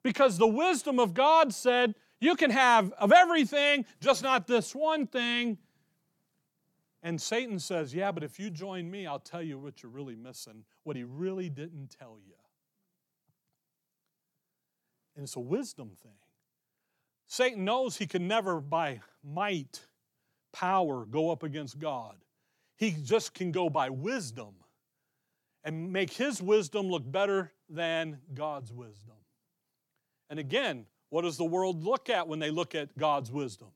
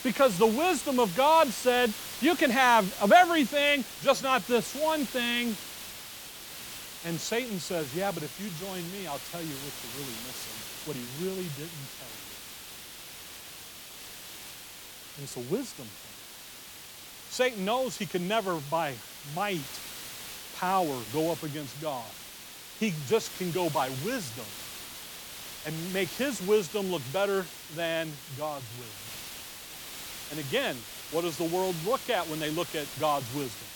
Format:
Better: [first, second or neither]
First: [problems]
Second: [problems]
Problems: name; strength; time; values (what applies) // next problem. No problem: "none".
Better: first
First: none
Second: hiss; noticeable; throughout; 10 dB below the speech